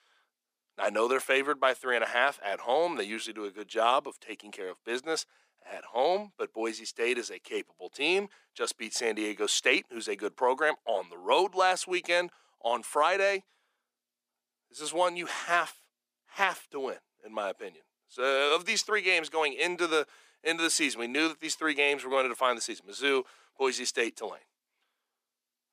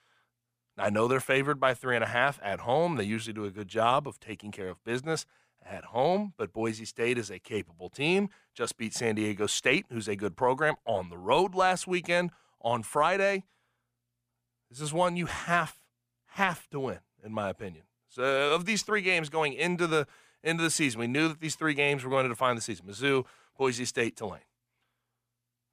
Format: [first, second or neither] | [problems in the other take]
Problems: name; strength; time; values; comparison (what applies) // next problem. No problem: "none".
second | thin; somewhat; fading below 300 Hz